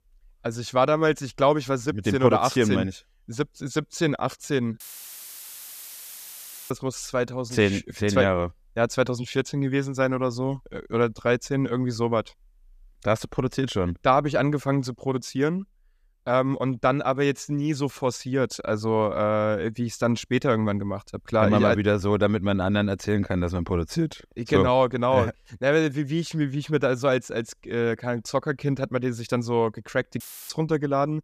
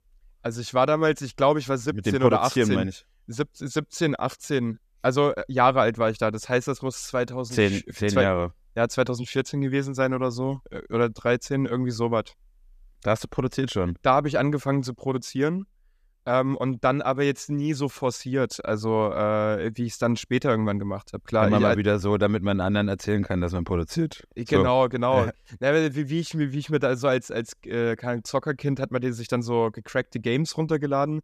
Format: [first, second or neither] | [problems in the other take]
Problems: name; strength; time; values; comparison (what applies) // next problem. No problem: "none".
second | audio cutting out; filled with static; at 5 s for 2 s and at 30 s